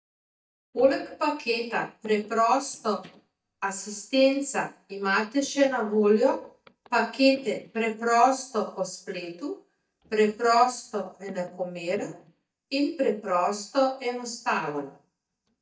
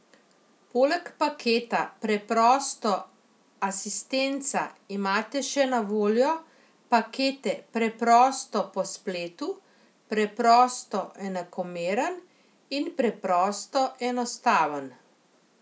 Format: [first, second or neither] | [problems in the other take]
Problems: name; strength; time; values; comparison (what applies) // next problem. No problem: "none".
second | noise reduction (neural mask model DeepFilterNet 3)